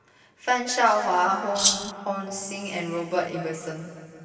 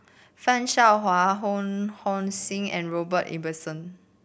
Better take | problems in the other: second | background sound (Rattle (instrument)); 3 dB above the speech // room echo; dies away in 2.5 s

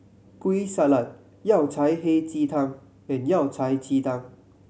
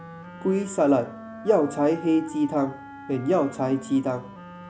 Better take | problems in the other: first | background sound (Wind instrument, woodwind instrument); 16 dB below the speech

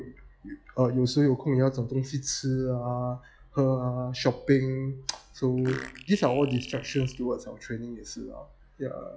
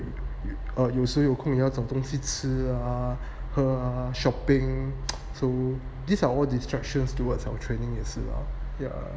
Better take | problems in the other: second | noise reduction (classical method log-MMSE)

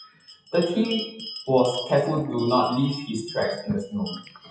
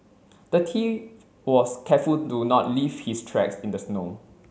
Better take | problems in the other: second | noise reduction (classical method WPE with log-MMSE)

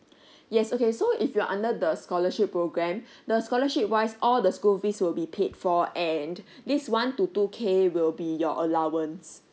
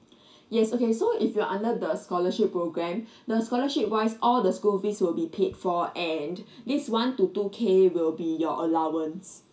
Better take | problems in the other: first | room echo; dies away in 0.2 s

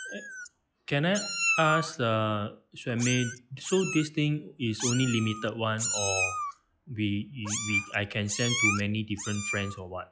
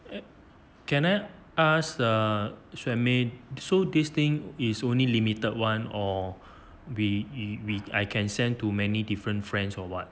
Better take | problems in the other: second | noise reduction (classical method log-MMSE)

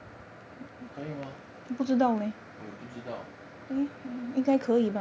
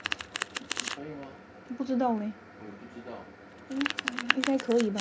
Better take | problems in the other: first | background sound (Domestic sounds, home sounds); 4 dB below the speech // room echo; dies away in 0.3 s

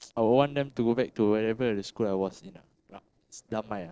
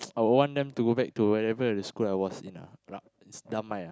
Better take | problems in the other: second | noise reduction (neural separator model SepFormer DNS4)

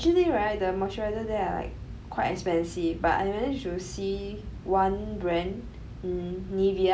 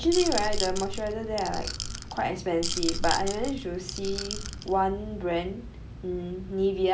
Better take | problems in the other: first | background sound (Rattle / Rattle (instrument)); 3 dB below the speech

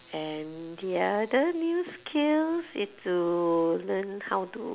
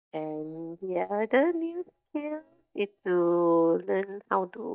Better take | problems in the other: first | noise reduction (neural mask model DeepFilterNet 3)

